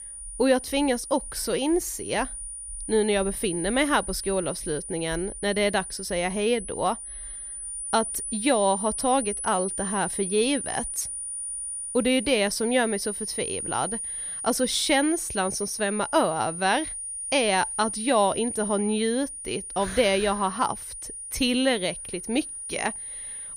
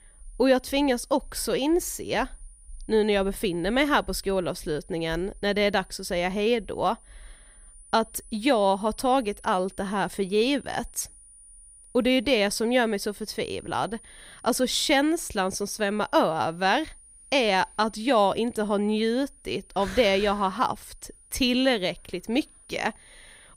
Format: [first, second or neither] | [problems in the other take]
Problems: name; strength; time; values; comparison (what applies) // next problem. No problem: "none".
second | high-pitched whine; loud; throughout; 9.5 kHz, 6 dB below the speech; faint in the second